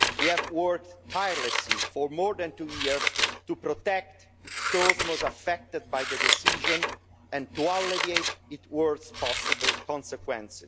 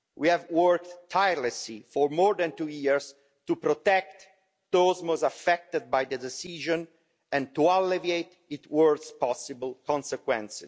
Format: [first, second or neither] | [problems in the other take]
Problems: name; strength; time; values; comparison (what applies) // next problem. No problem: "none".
second | background sound (Scissors); 1 dB above the speech